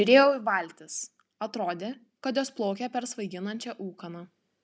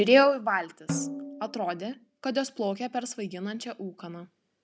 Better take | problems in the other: first | background sound (Snare drum); 11 dB below the speech

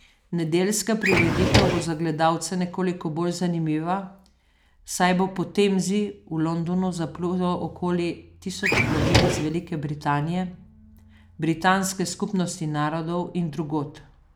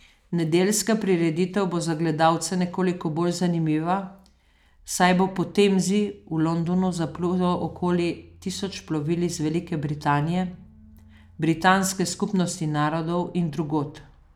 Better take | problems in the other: second | background sound (Drawer open or close); 3 dB above the speech

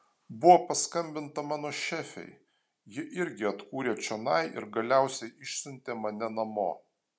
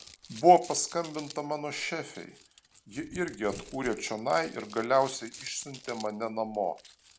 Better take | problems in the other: first | background sound (Crumpling, crinkling); 20 dB below the speech

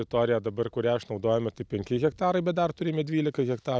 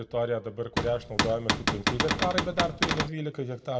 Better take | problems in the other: first | background sound (Cupboard open or close / Door); 2 dB above the speech // room echo; dies away in 2.2 s

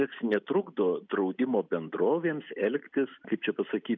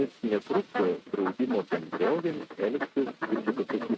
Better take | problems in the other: first | noise reduction (neural mask model RNNoise)

